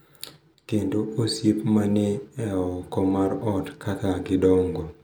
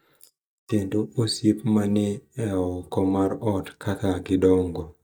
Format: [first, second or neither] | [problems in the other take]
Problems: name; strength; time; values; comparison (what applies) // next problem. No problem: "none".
first | noise reduction (neural mask model DeepFilterNet 3)